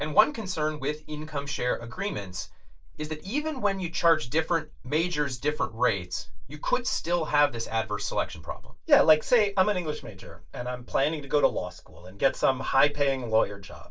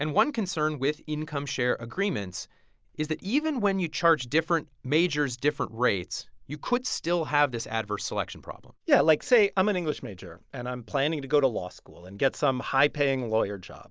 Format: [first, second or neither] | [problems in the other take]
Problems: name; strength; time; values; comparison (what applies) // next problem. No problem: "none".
second | room echo; dies away in 0.2 s